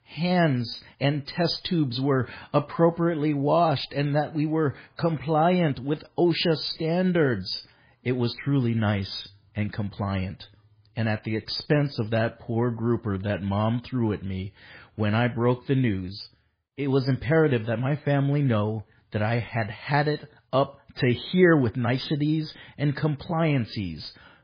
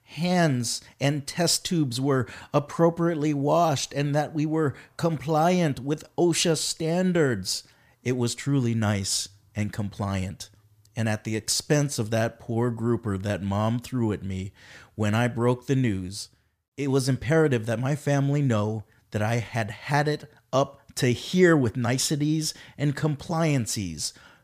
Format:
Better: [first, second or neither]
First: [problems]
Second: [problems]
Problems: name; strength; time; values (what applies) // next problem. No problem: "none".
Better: second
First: garbled, watery; badly; nothing above 5 kHz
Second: none